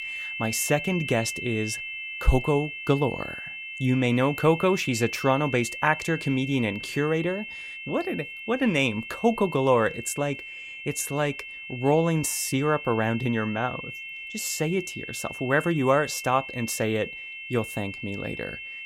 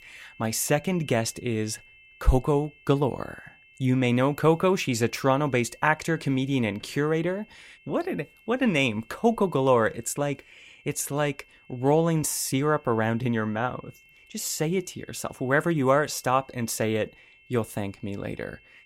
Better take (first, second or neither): second